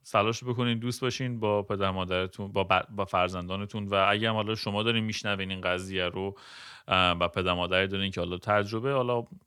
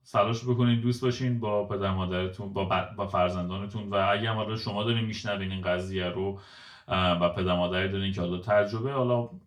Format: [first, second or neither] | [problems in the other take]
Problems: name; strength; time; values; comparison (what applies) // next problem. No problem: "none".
first | room echo; very slight; dies away in 0.3 s // off-mic speech; far